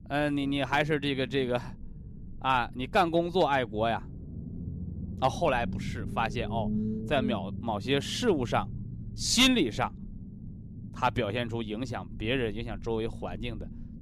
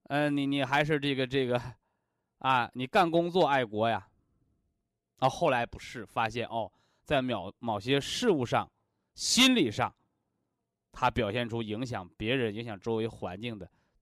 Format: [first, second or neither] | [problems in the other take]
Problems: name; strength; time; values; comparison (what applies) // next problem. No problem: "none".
second | low rumble; noticeable; throughout; 20 dB below the speech